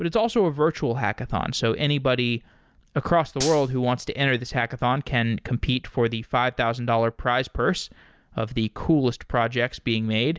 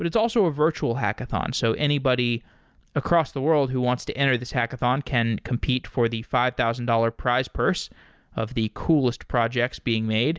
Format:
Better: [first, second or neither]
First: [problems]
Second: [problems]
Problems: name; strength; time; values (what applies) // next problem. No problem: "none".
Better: second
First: background sound (Gunshot, gunfire); 12 dB below the speech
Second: none